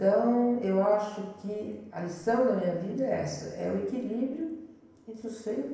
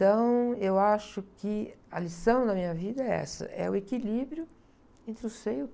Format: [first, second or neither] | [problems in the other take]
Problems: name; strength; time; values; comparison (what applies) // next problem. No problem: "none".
second | room echo; dies away in 0.9 s